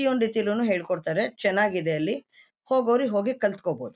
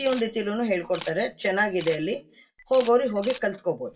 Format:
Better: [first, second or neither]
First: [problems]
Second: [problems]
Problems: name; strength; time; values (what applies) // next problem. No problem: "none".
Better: first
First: none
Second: background sound (Camera); 19 dB below the speech // room echo; dies away in 0.2 s